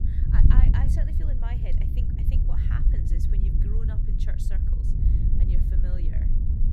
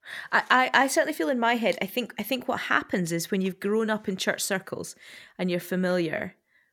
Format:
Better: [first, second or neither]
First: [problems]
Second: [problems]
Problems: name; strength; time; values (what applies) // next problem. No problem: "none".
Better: second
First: wind noise on the microphone; heavy; 3 dB above the speech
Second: none